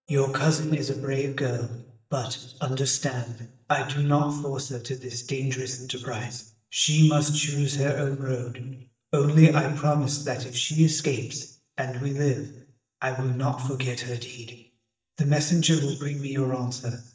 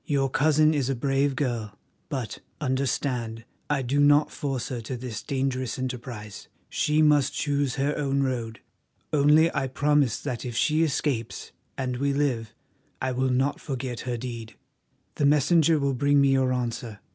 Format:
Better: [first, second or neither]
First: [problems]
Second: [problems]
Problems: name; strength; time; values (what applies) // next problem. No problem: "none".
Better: second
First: noise reduction (neural mask model DeepFilterNet 3)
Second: none